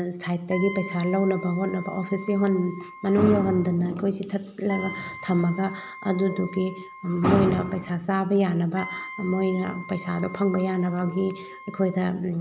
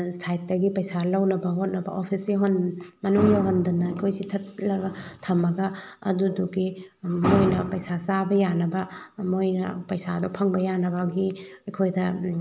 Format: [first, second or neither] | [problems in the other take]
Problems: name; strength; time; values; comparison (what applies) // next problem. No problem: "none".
second | background sound (Wind instrument, woodwind instrument); 16 dB below the speech